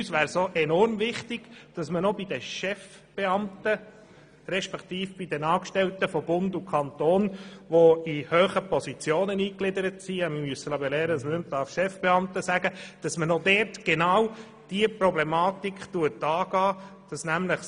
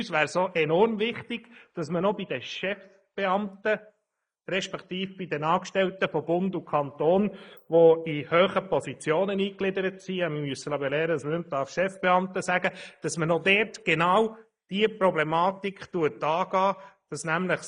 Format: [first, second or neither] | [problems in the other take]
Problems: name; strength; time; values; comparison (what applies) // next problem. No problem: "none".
first | noise reduction (neural mask model Resemble Enhance denoiser)